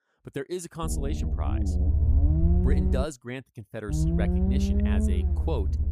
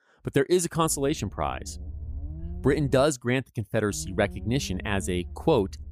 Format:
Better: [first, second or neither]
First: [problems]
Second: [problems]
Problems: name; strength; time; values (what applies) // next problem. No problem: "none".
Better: second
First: low rumble; loud; from 1 to 3 s and from 4 s on; as loud as the speech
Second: low rumble; faint; from 1 to 3 s and from 4 s on; 25 dB below the speech